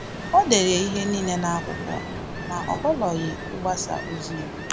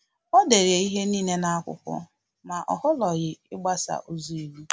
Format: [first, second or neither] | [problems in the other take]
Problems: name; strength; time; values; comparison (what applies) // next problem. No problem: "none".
second | background sound (Ocean); 7 dB below the speech